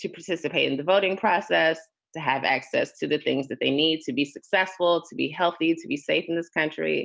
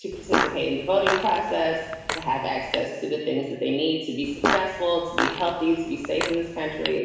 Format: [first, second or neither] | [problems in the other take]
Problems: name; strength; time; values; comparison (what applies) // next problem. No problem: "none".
first | background sound (Fart); 4 dB below the speech // room echo; dies away in 1 s